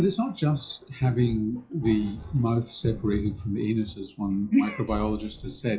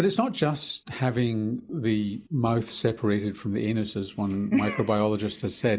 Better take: second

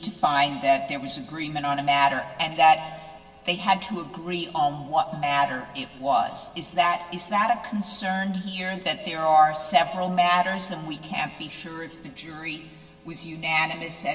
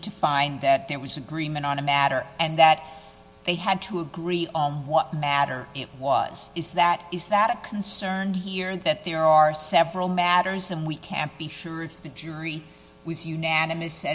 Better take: second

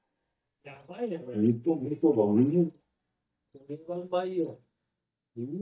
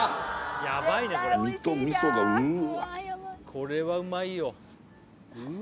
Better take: second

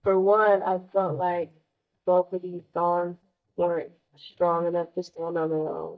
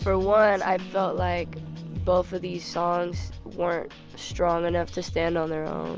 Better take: second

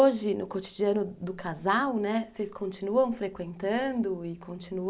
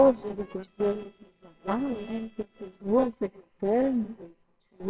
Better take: first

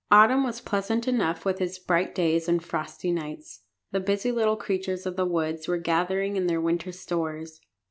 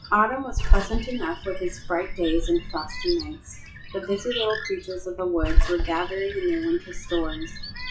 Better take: first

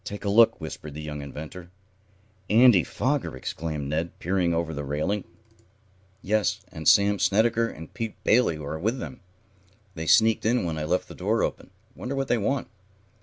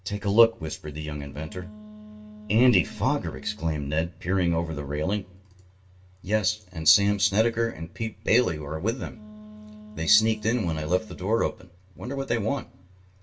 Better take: first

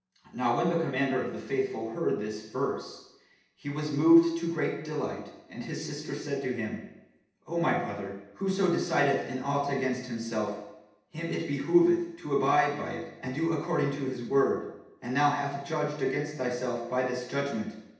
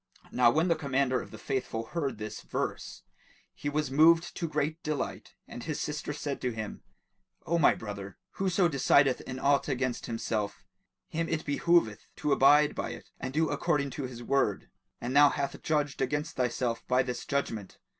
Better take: second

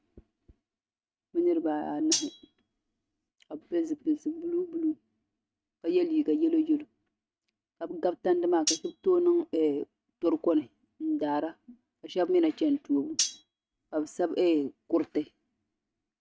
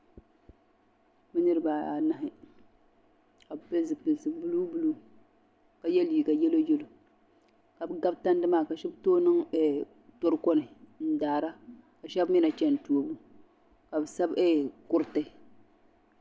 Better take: second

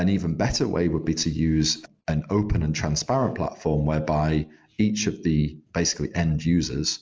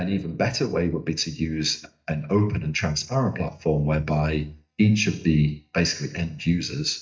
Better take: first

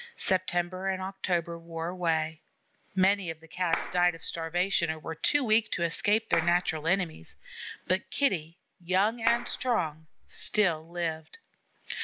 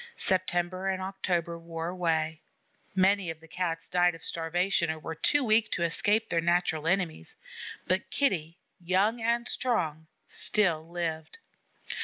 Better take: second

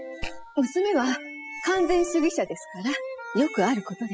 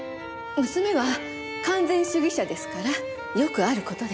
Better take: second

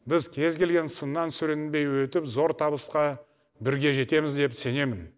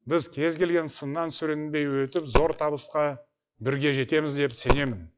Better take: first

